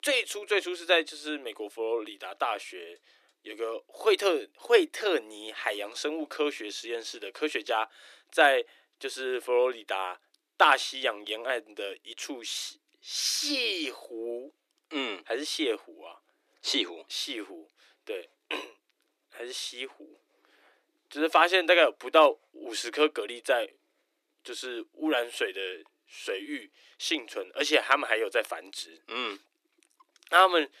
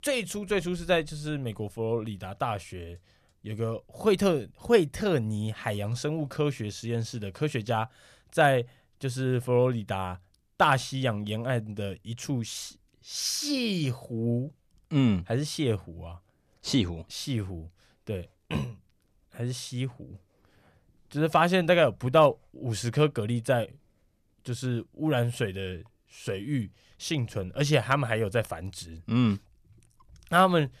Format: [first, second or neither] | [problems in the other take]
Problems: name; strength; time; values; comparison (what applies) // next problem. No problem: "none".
second | thin; very; fading below 300 Hz